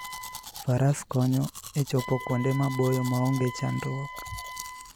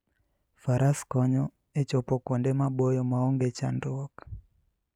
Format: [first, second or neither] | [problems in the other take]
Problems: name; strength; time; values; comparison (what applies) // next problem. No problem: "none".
second | background sound (Wind instrument, woodwind instrument + Domestic sounds, home sounds); 12 dB below the speech